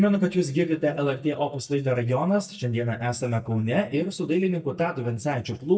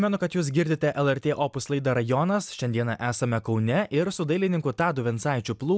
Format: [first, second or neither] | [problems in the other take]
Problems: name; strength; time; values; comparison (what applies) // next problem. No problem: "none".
second | noise reduction (neural mask model DeepFilterNet 3)